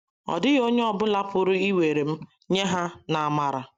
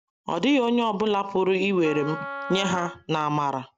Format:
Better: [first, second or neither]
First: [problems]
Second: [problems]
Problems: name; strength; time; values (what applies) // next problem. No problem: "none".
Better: first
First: none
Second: background sound (Wind instrument, woodwind instrument); 12 dB below the speech